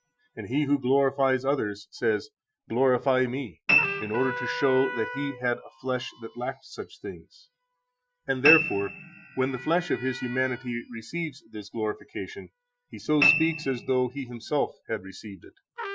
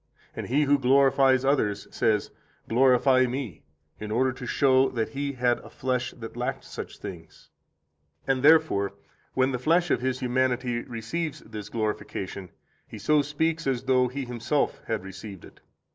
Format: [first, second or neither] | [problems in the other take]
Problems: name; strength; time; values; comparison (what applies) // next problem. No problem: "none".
second | noise reduction (classical method Wiener filter)